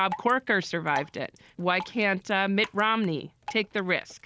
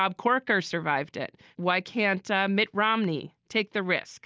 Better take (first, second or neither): second